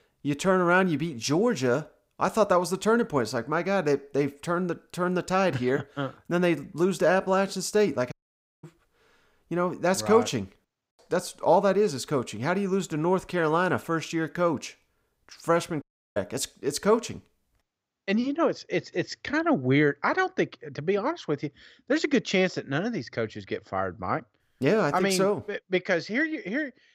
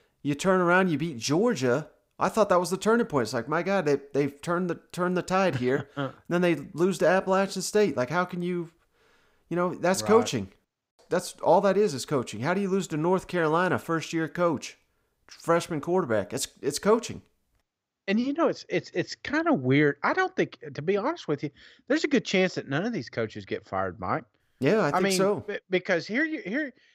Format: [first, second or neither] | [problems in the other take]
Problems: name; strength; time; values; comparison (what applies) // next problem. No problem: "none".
second | audio cutting out; at 8 s for 0.5 s and at 16 s